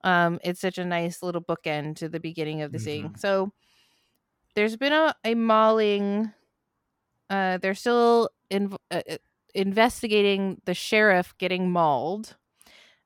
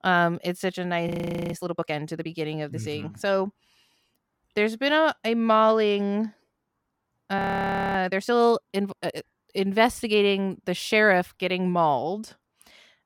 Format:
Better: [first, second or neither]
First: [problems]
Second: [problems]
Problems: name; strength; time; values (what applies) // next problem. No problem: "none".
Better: first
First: none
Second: audio freezing; at 1 s and at 7.5 s for 0.5 s